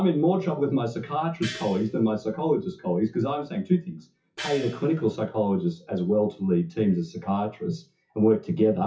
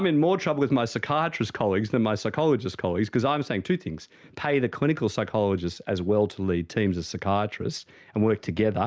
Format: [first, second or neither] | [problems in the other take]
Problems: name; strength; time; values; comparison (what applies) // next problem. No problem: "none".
second | noise reduction (classical method WPE with log-MMSE)